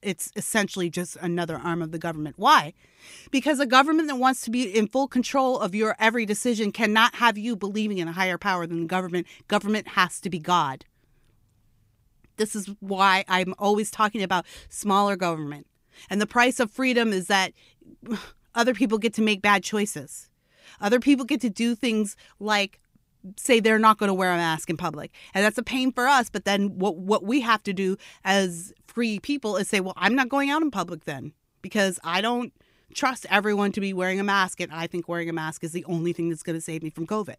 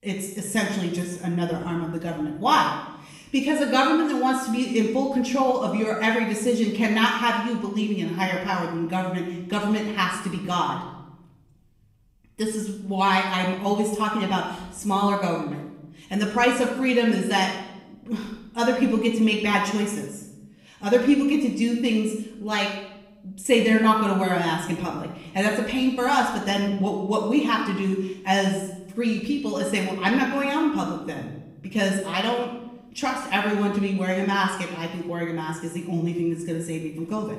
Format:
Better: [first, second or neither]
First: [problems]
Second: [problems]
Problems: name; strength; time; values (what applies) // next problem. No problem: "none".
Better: first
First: none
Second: off-mic speech; far // room echo; noticeable; dies away in 0.9 s